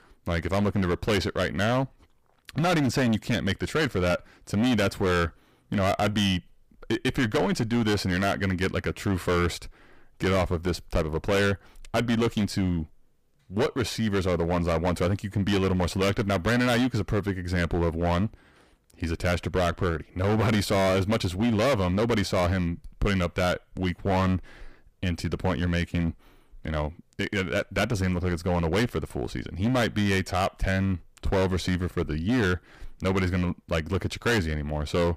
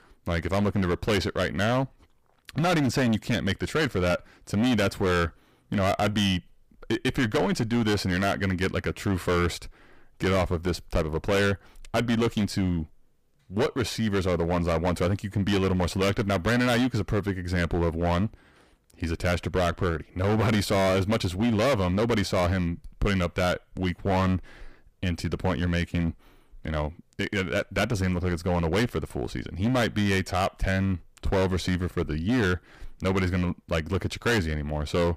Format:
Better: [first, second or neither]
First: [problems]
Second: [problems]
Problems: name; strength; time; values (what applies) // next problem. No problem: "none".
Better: neither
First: distortion; heavy; 14% of the sound clipped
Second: distortion; heavy; 14% of the sound clipped